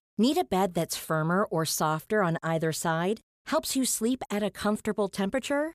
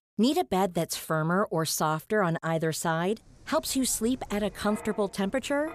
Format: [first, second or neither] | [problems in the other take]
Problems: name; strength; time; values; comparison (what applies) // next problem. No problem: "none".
first | wind in the background; faint; from 3.5 s on; 20 dB below the speech